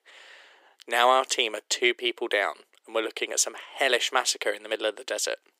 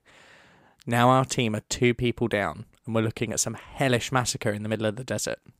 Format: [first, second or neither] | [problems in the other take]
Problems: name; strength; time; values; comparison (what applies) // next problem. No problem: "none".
second | thin; very; fading below 350 Hz